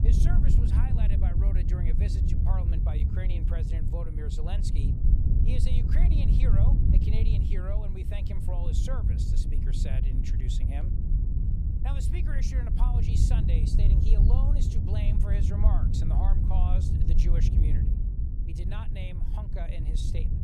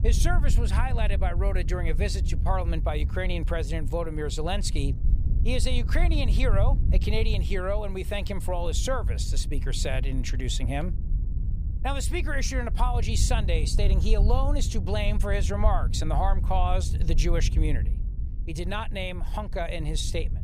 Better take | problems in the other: second | wind noise on the microphone; heavy; 1 dB above the speech; occasional gusts in the second

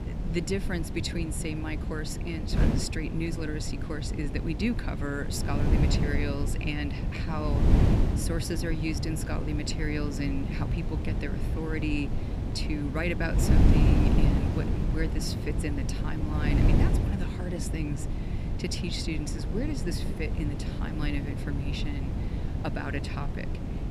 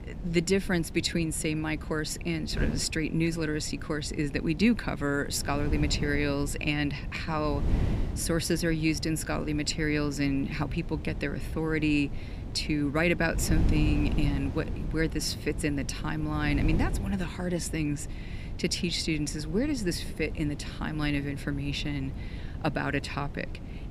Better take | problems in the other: second | wind noise on the microphone; heavy; 3 dB below the speech; occasional gusts in the second

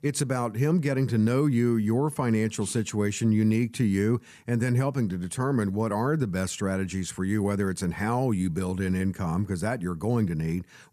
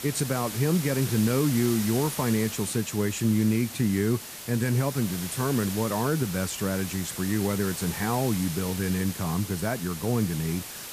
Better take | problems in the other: first | hiss; loud; throughout; 8 dB below the speech

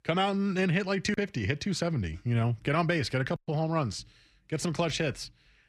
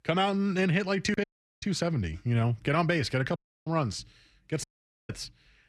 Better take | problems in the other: first | audio cutting out; at 1 s, at 3.5 s and at 4.5 s

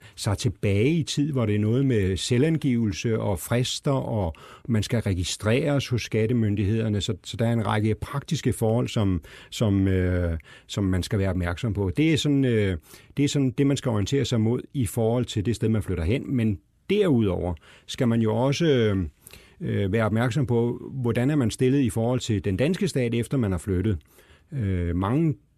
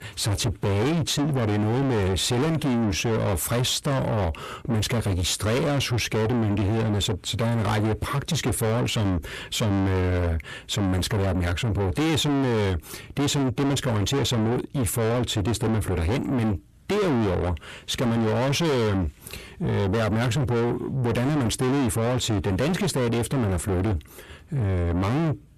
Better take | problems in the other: first | distortion; heavy; 7 dB below the speech

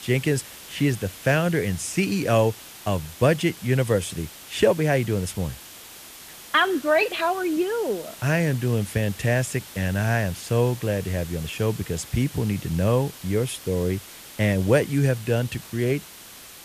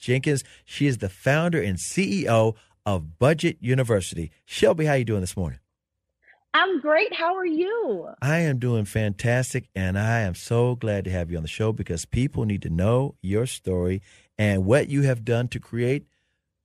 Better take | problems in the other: second | hiss; noticeable; throughout; 15 dB below the speech

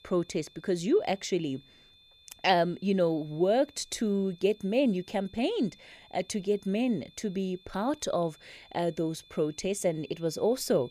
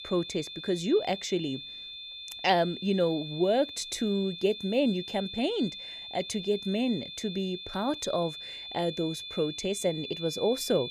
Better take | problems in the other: first | high-pitched whine; loud; throughout; 3.5 kHz, 9 dB below the speech; faint in the first

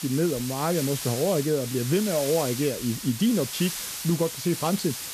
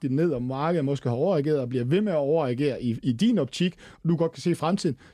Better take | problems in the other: second | hiss; loud; throughout; 6 dB below the speech

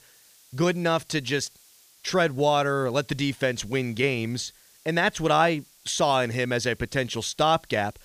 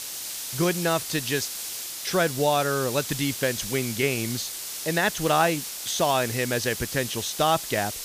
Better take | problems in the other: first | hiss; loud; throughout; 6 dB below the speech; faint in the first

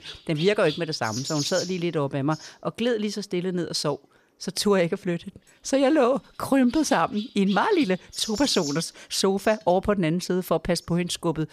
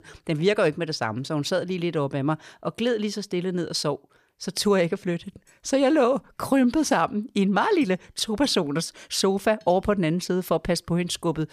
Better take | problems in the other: second | animal sounds; noticeable; throughout; 10 dB below the speech

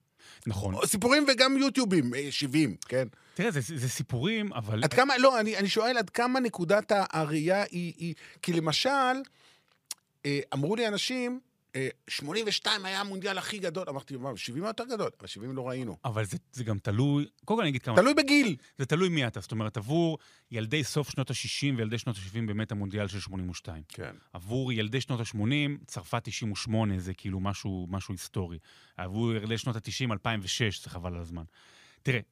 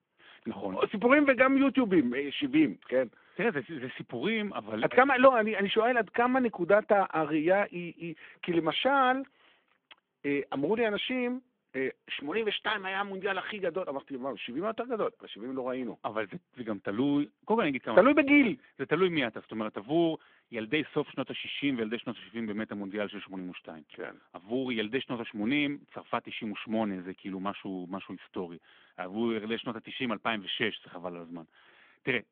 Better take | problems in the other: first | phone-call audio; nothing above 3.5 kHz

